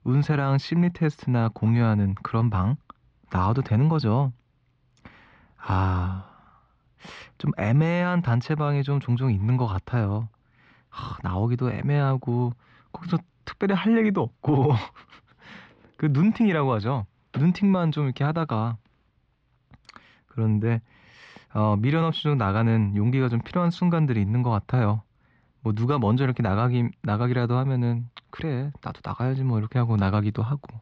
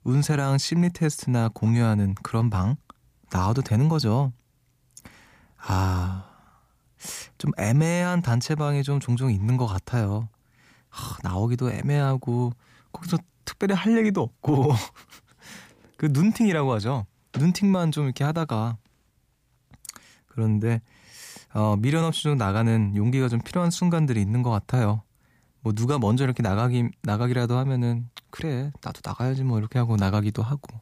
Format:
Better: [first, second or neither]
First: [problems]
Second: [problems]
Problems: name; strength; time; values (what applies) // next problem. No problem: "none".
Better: second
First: muffled; slightly; fading above 3.5 kHz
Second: none